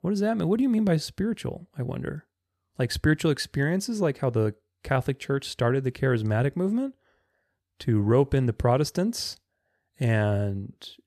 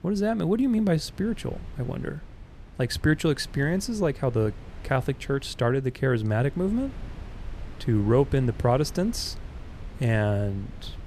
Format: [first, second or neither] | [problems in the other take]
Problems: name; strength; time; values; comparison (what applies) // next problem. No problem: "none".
first | wind noise on the microphone; occasional gusts; 20 dB below the speech